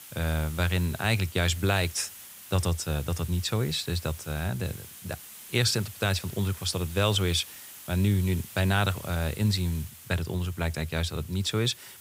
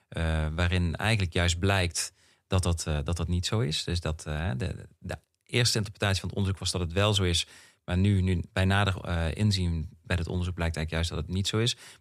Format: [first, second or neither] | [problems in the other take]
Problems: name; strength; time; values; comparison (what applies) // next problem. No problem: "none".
second | hiss; noticeable; throughout; 15 dB below the speech